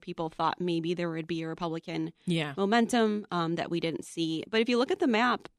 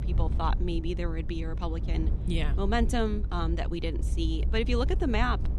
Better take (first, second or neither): first